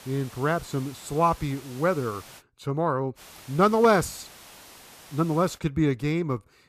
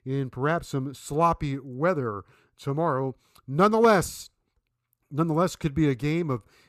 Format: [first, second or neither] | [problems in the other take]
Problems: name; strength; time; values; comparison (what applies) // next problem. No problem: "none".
second | hiss; faint; until 2.5 s and from 3 to 5.5 s; 20 dB below the speech